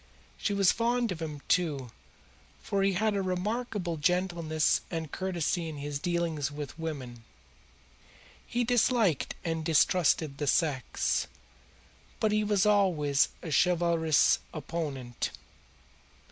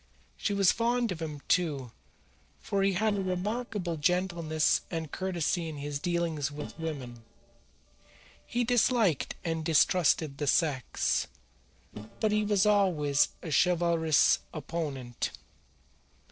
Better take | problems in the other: first | noise reduction (neural separator model SepFormer DNS4)

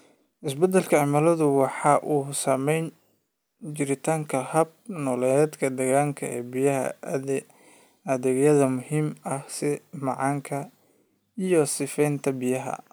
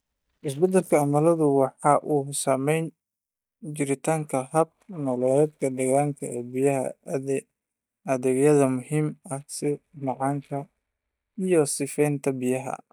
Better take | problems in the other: first | noise reduction (neural mask model DeepFilterNet 3)

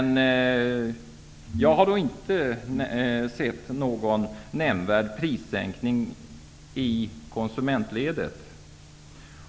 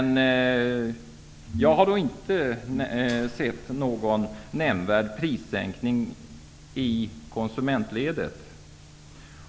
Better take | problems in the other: first | background sound (Mechanisms); 20 dB below the speech

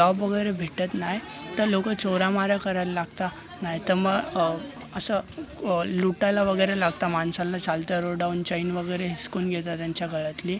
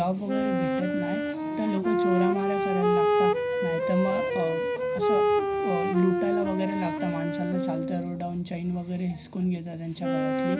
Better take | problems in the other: first | background sound (Wind instrument, woodwind instrument); 3 dB above the speech // room echo; dies away in 0.4 s

